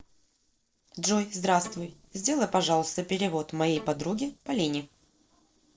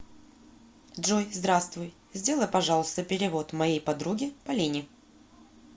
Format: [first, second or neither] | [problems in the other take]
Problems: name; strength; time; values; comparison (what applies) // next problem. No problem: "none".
second | noise reduction (neural separator model SepFormer DNS4)